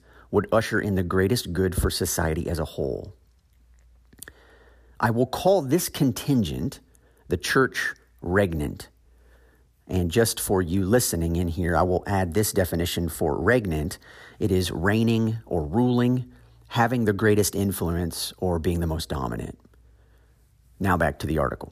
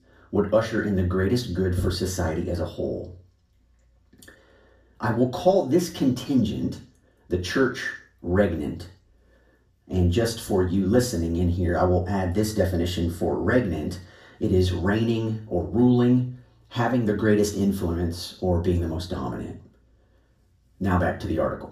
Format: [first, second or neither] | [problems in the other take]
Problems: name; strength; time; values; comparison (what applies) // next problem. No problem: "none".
first | room echo; slight; dies away in 0.4 s // off-mic speech; far